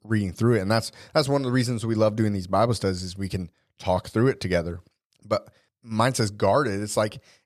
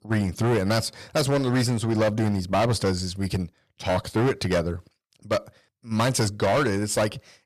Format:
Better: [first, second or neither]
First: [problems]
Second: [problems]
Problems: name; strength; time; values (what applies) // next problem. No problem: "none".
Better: first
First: none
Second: distortion; heavy; 13% of the sound clipped